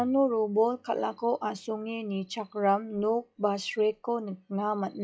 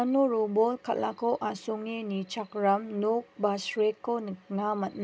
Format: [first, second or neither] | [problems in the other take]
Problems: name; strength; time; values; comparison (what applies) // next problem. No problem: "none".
second | noise reduction (classical method log-MMSE)